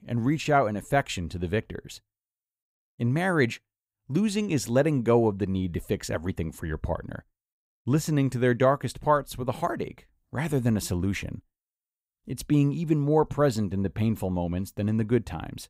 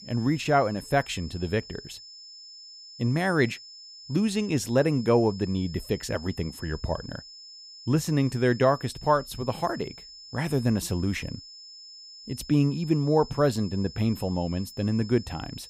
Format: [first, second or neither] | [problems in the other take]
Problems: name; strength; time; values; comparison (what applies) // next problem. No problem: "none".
first | high-pitched whine; noticeable; throughout; 5 kHz, 15 dB below the speech